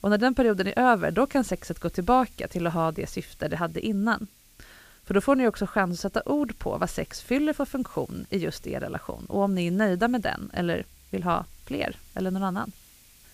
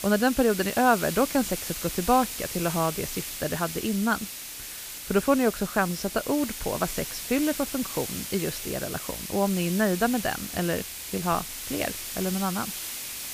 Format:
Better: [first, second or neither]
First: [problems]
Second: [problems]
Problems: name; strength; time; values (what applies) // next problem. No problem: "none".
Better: first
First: hiss; faint; throughout; 25 dB below the speech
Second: hiss; loud; throughout; 6 dB below the speech